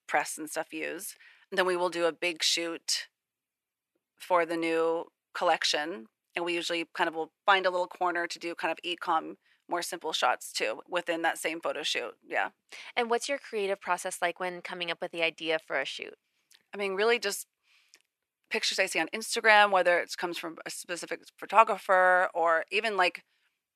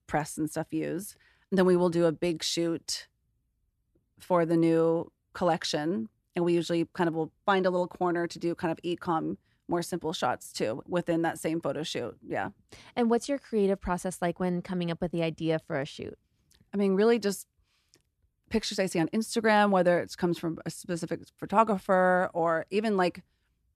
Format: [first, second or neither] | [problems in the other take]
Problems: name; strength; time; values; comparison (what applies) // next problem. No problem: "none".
second | thin; very; fading below 600 Hz